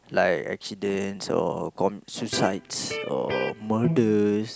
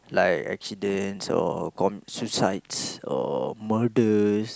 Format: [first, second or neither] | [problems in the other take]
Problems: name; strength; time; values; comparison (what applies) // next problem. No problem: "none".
second | background sound (Electric guitar); 7 dB below the speech